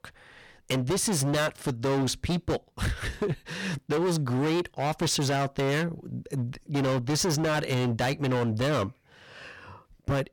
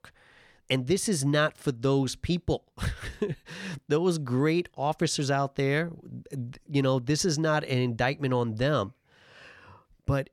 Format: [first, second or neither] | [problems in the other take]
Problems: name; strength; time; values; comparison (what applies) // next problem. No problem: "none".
second | distortion; heavy; 22% of the sound clipped